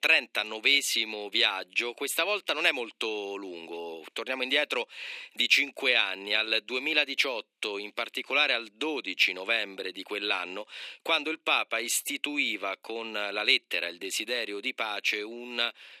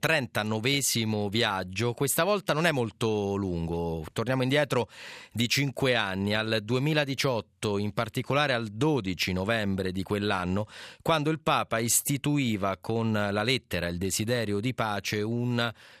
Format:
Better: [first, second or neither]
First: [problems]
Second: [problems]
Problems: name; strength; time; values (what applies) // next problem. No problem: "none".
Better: second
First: thin; somewhat; fading below 300 Hz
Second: none